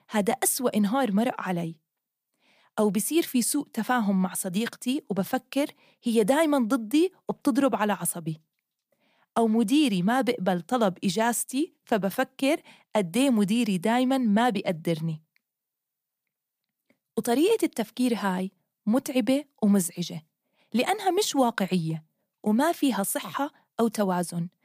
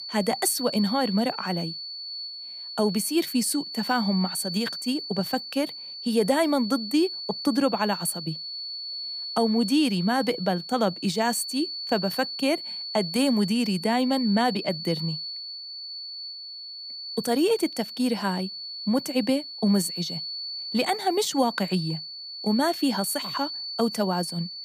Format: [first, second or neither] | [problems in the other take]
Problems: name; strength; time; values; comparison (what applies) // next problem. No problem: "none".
first | high-pitched whine; loud; throughout; 4.5 kHz, 7 dB below the speech